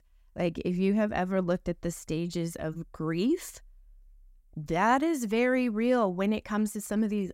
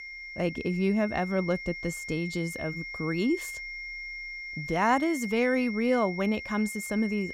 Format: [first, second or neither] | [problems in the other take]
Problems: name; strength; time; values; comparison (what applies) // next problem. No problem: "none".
first | high-pitched whine; loud; throughout; 2 kHz, 8 dB below the speech